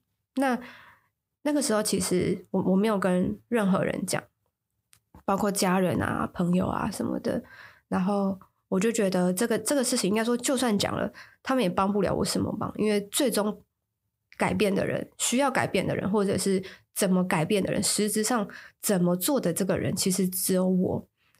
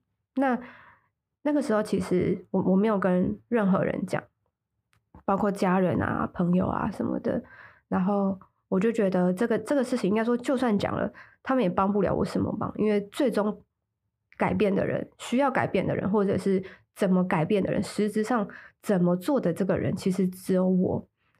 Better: first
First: none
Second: muffled; very; fading above 3.5 kHz

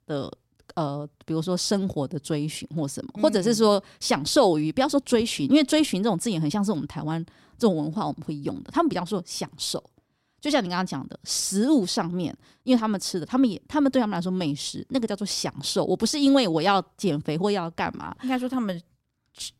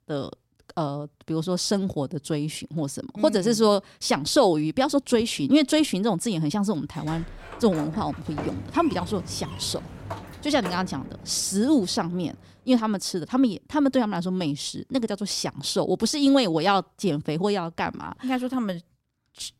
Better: first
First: none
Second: door banging; faint; from 7 to 12 s; peak 10 dB below the speech

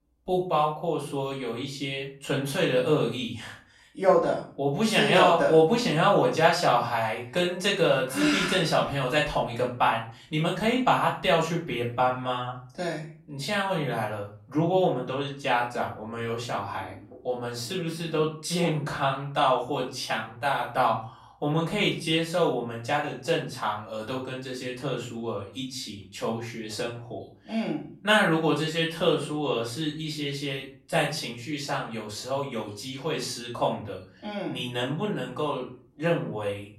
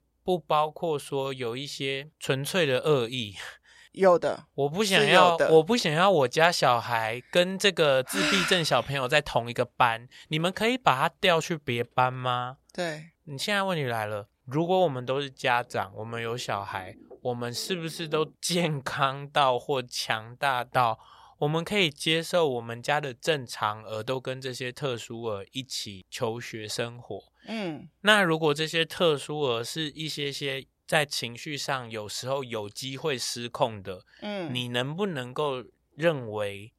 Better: second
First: off-mic speech; far // room echo; slight; dies away in 0.4 s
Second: none

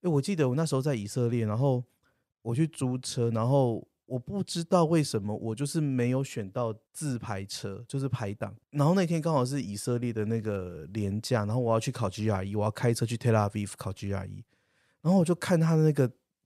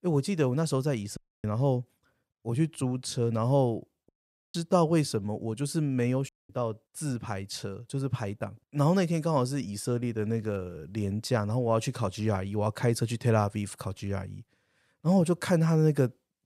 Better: first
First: none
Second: audio cutting out; at 1 s, at 4 s and at 6.5 s

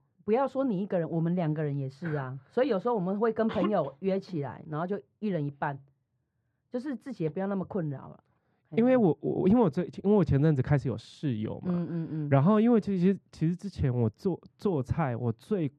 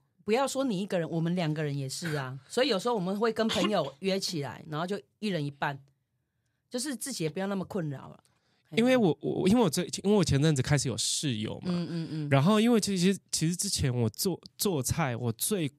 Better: second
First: muffled; very; fading above 3.5 kHz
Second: none

